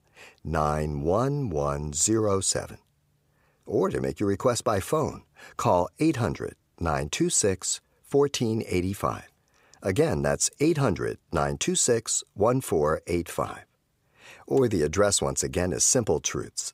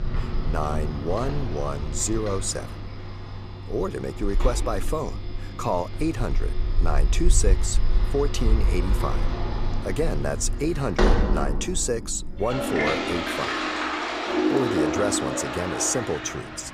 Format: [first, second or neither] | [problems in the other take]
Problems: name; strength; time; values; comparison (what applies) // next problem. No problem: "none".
first | household noises; very loud; throughout; as loud as the speech